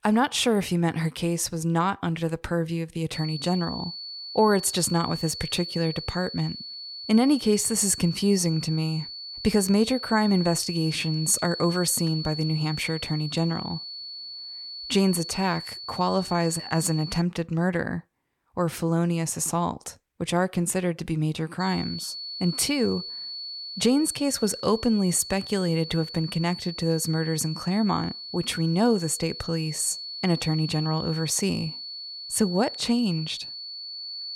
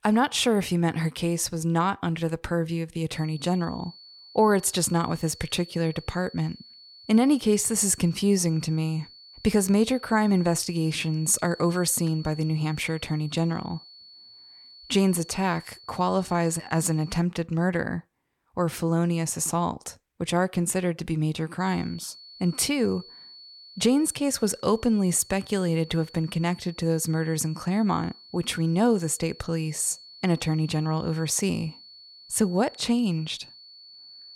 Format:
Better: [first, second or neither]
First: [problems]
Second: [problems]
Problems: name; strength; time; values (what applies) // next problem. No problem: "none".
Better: second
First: high-pitched whine; loud; from 3 to 17 s and from 22 s on; 4.5 kHz, 9 dB below the speech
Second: high-pitched whine; faint; from 3 to 17 s and from 22 s on; 4.5 kHz, 20 dB below the speech